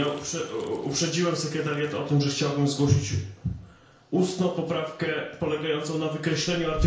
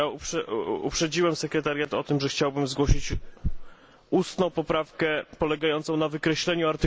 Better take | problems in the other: second | background sound (Toilet flush); 14 dB below the speech // room echo; dies away in 0.5 s

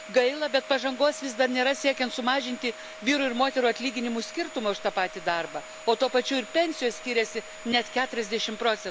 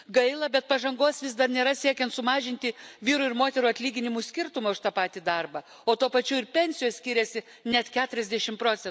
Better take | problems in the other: second | background sound (Domestic sounds, home sounds); 15 dB below the speech

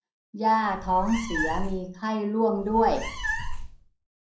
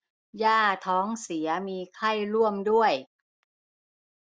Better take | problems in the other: second | background sound (Meow); 5 dB below the speech // room echo; dies away in 0.6 s

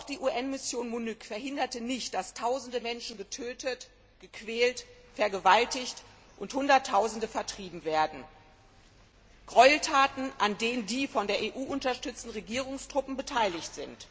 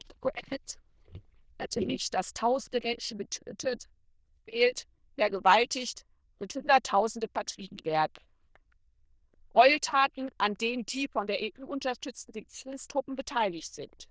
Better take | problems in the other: first | noise reduction (neural diffusion model UNIVERSE++)

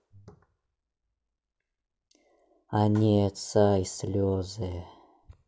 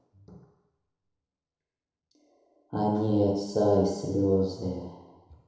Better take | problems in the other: first | room echo; dies away in 1 s

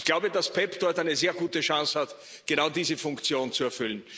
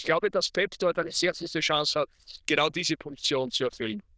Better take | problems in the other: first | noise reduction (neural diffusion model UNIVERSE++)

